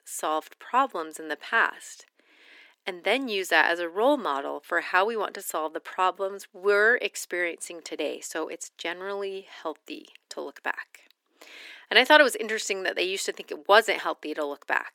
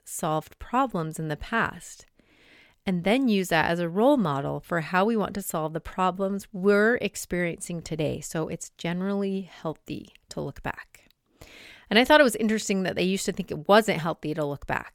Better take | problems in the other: second | thin; somewhat; fading below 300 Hz

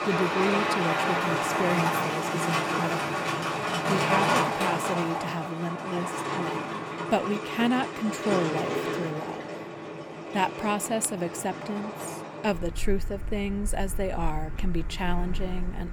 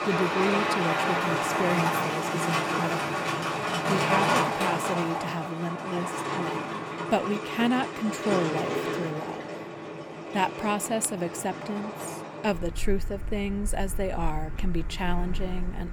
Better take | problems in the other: neither | traffic noise; very loud; throughout; 1 dB above the speech; the same in both

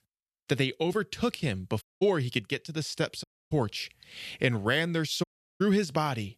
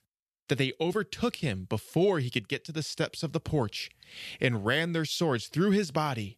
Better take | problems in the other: second | audio cutting out; at 2 s, at 3 s and at 5 s

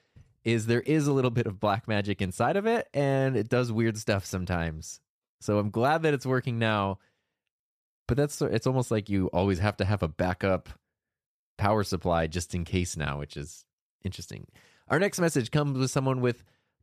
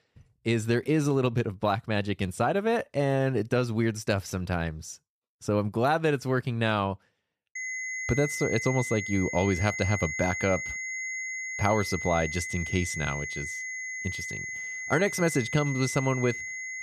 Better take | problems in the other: first | high-pitched whine; loud; from 7.5 s on; 2 kHz, 5 dB below the speech

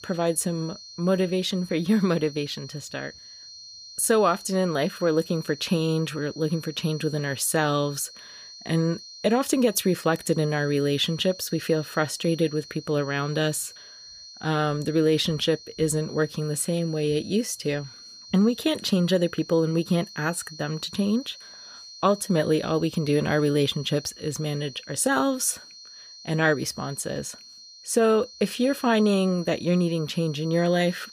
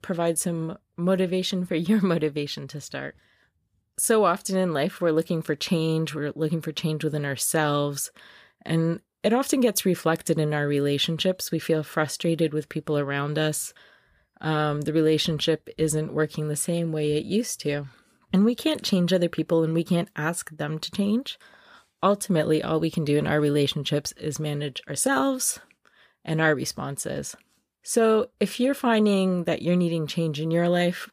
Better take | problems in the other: second | high-pitched whine; noticeable; throughout; 4 kHz, 15 dB below the speech

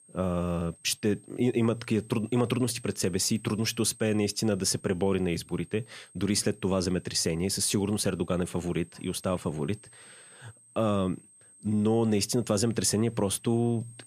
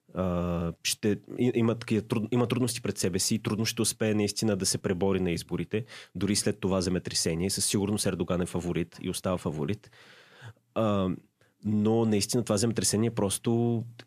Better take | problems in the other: second | high-pitched whine; faint; throughout; 8.5 kHz, 25 dB below the speech

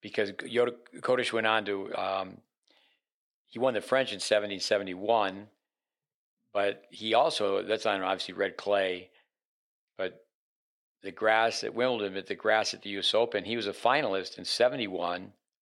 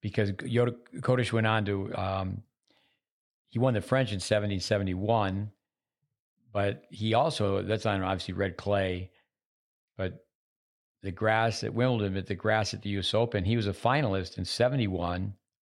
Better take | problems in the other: second | thin; somewhat; fading below 400 Hz

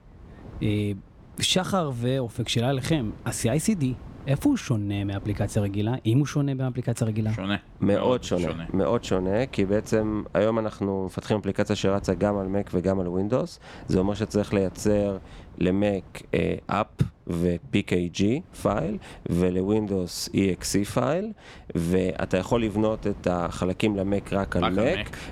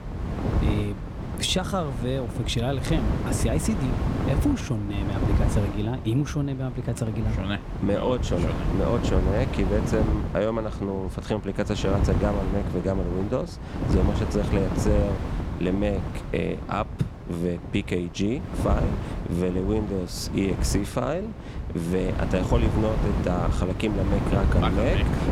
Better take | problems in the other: first | wind noise on the microphone; heavy; 6 dB below the speech; occasional gusts in the first

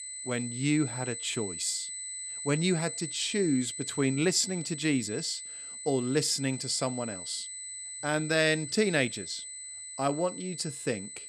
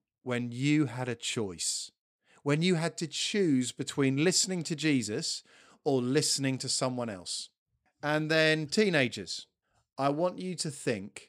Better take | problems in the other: second | high-pitched whine; loud; throughout; 8 kHz, 7 dB below the speech

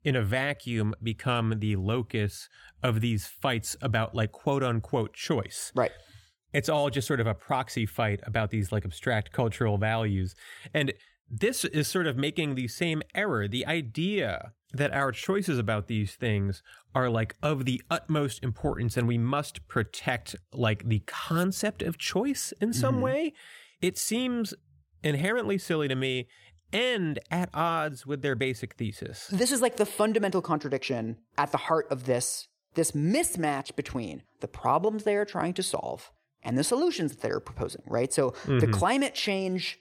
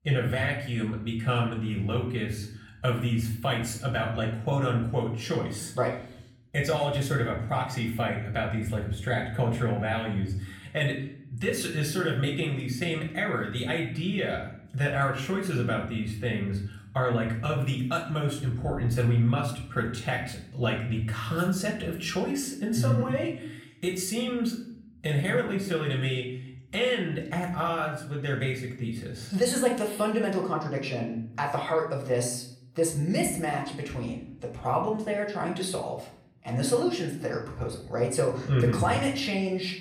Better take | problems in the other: first | off-mic speech; far // room echo; slight; dies away in 0.6 s

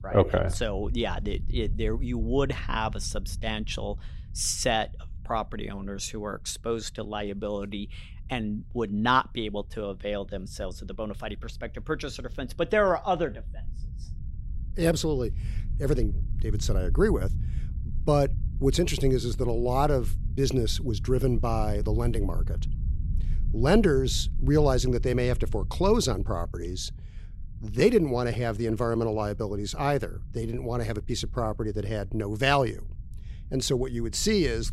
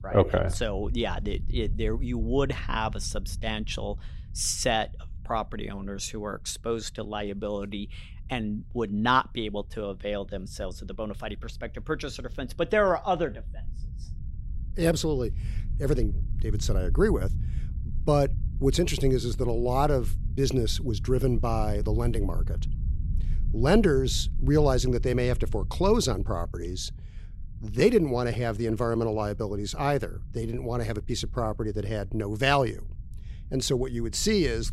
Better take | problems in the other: neither | low rumble; faint; throughout; 25 dB below the speech; the same in both

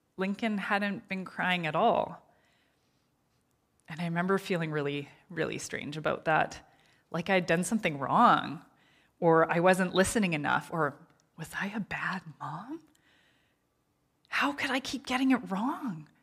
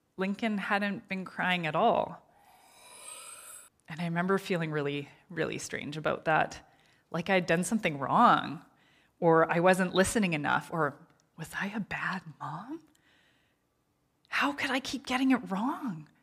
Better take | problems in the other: first | clattering dishes; faint; from 2.5 to 3.5 s; peak 15 dB below the speech

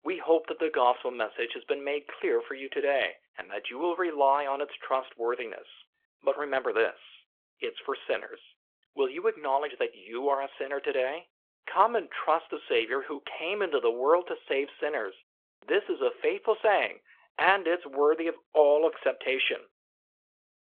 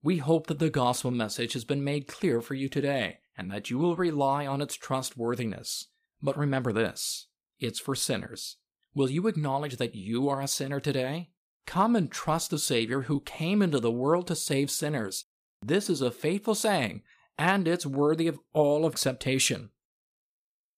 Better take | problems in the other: second | phone-call audio; nothing above 3.5 kHz

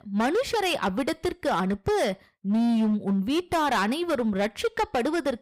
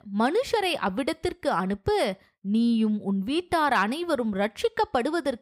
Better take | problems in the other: second | distortion; slight; 15% of the sound clipped

